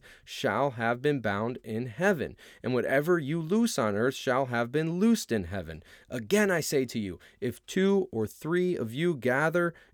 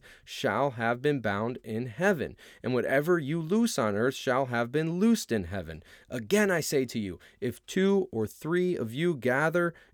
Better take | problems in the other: neither | none

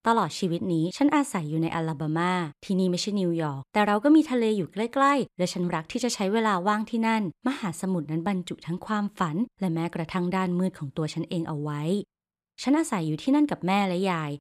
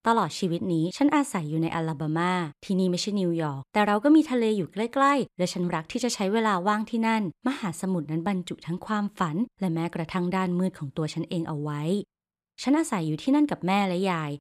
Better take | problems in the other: neither | none

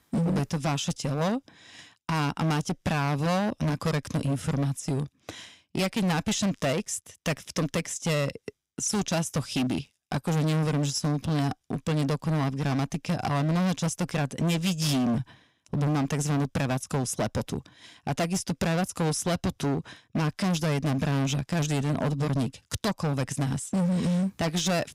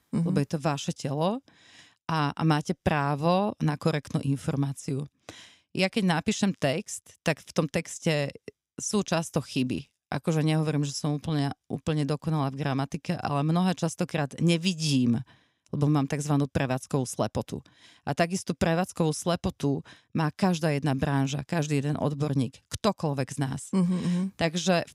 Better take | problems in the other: second | distortion; heavy; 21% of the sound clipped

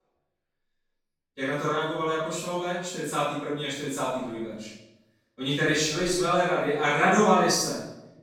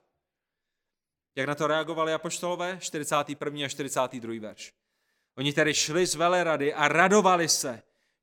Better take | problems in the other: second | off-mic speech; far // room echo; strong; dies away in 0.8 s

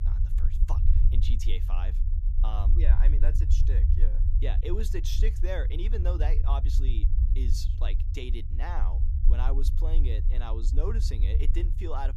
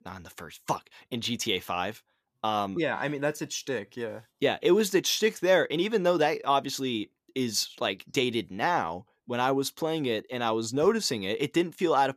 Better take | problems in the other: second | low rumble; loud; throughout; 7 dB below the speech

